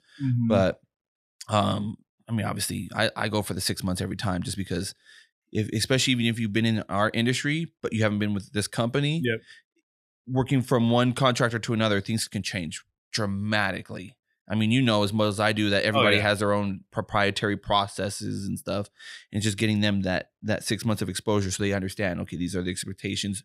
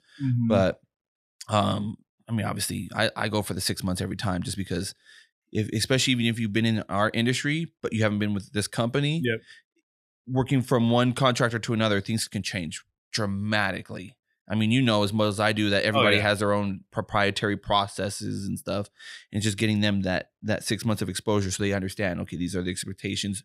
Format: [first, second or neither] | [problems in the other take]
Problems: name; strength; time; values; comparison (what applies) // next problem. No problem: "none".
neither | none